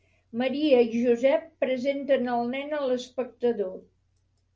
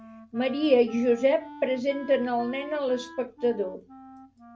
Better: first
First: none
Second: background sound (Wind instrument, woodwind instrument); 19 dB below the speech

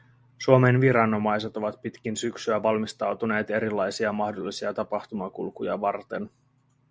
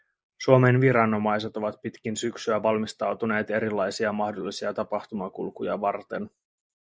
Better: first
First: none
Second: noise reduction (neural mask model Resemble Enhance denoiser)

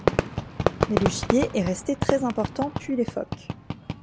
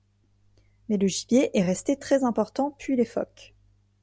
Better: second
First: background sound (Fireworks); as loud as the speech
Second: none

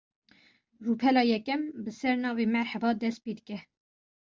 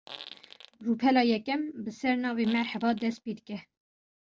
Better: first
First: none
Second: background sound (Fart); 18 dB below the speech

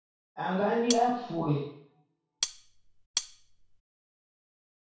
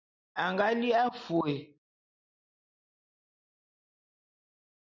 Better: second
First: background sound (Cutlery, silverware); 5 dB below the speech // room echo; dies away in 0.6 s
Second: none

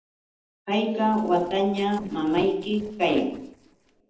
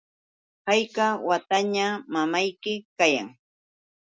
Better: second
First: noise reduction (neural separator model SepFormer DNS4)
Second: none

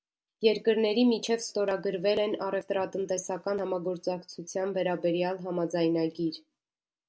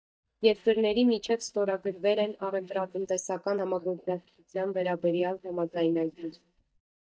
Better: first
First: none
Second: noise reduction (neural mask model DeepFilterNet 3)

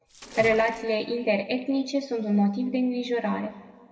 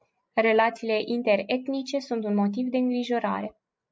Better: second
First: background sound (Splash, splatter); 17 dB below the speech // room echo; dies away in 1.7 s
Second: none

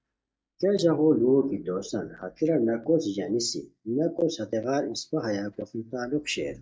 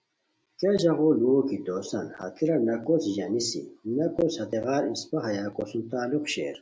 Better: second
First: noise reduction (neural mask model DeepFilterNet 3)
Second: none

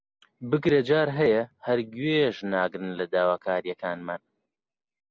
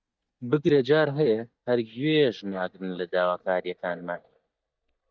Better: first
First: none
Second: noise reduction (neural mask model DeepFilterNet 3)

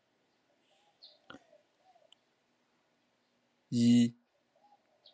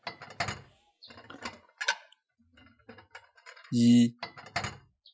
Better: first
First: none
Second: noise reduction (classical method Wiener filter)

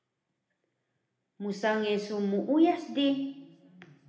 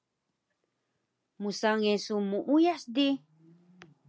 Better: second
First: room echo; dies away in 0.9 s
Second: none

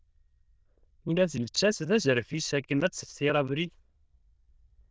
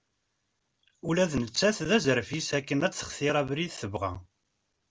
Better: second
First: noise reduction (neural diffusion model UNIVERSE++)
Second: none

